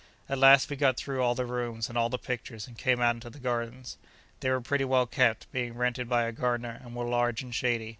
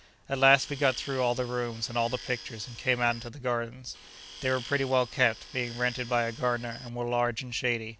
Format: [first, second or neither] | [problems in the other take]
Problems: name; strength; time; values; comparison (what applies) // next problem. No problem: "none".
first | background sound (Tools); 16 dB below the speech